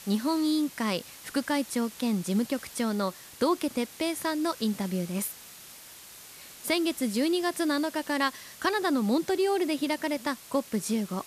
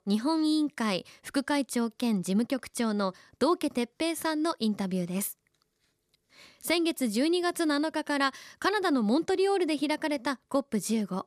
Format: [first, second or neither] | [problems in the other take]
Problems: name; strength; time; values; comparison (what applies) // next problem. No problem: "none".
second | hiss; noticeable; throughout; 15 dB below the speech